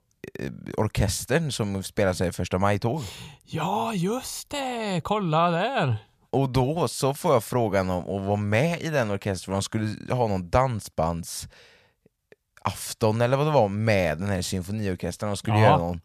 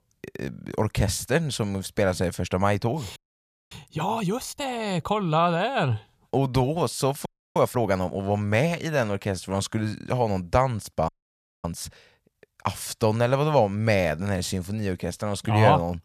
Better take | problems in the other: first | audio freezing; at 3 s for 0.5 s, at 7.5 s and at 11 s for 0.5 s

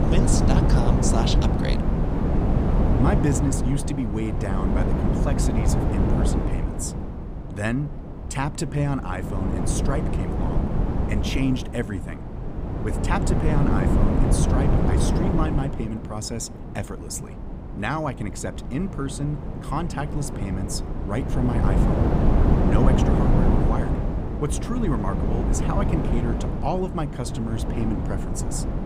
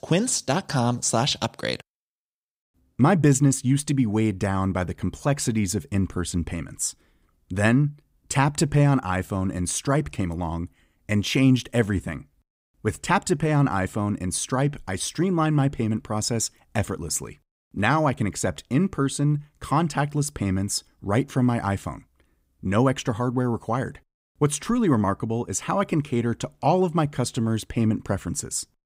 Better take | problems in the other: second | wind noise on the microphone; heavy; 1 dB above the speech

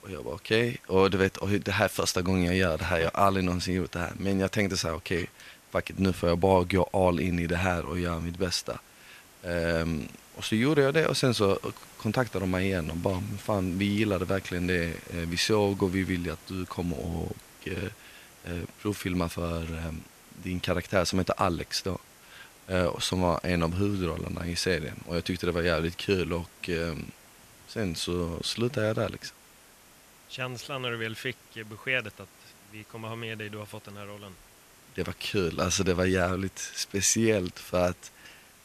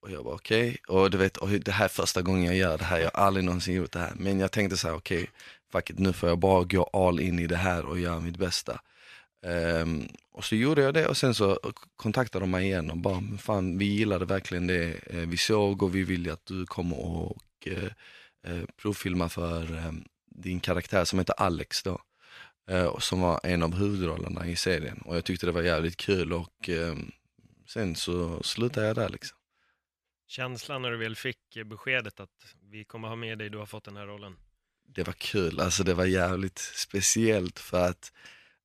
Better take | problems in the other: second | hiss; faint; throughout; 25 dB below the speech

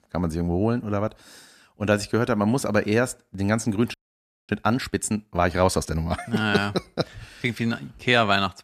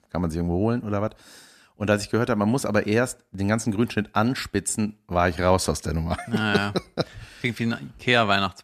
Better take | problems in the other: second | audio freezing; at 4 s for 0.5 s

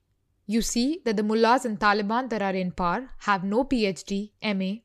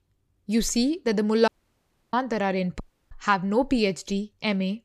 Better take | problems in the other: first | audio cutting out; at 1.5 s for 0.5 s and at 3 s

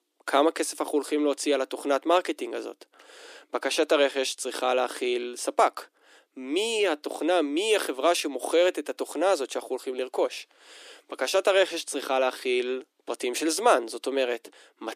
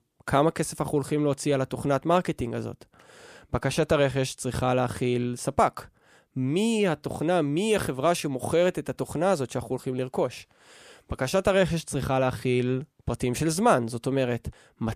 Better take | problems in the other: second | thin; somewhat; fading below 300 Hz

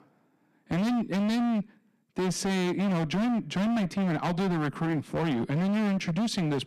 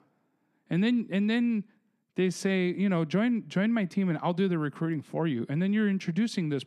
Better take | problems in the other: second | distortion; heavy; 36% of the sound clipped

